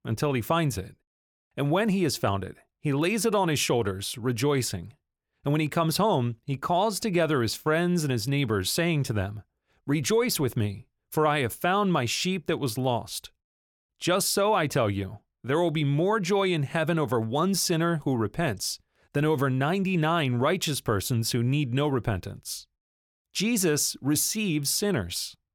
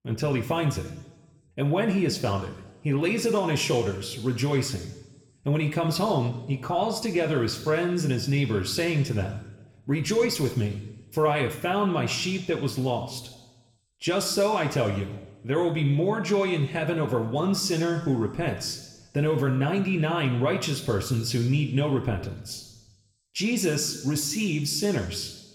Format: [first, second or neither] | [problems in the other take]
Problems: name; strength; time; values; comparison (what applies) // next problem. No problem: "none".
first | room echo; slight; dies away in 1 s // off-mic speech; somewhat distant